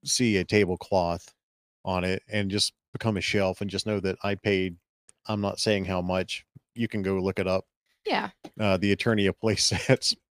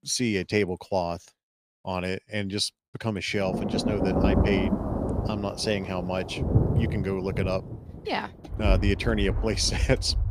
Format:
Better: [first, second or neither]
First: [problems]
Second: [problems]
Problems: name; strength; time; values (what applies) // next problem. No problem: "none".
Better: first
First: none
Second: rain or running water; very loud; from 3.5 s on; as loud as the speech